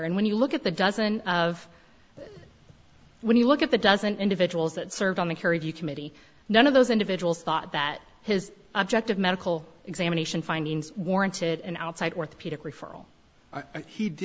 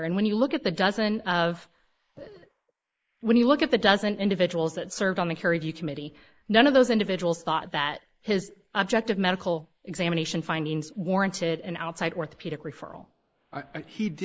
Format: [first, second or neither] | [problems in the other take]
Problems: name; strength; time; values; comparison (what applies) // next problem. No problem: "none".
first | noise reduction (neural mask model Resemble Enhance denoiser)